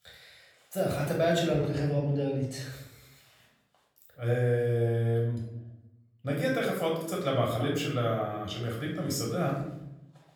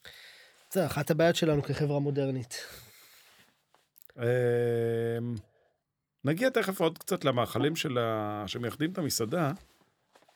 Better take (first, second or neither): second